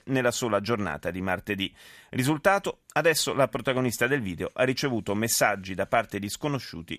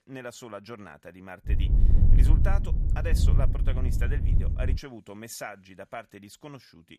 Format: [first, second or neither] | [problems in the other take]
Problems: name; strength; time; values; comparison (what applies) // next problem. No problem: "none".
first | wind noise on the microphone; heavy; from 1.5 to 5 s; 3 dB below the speech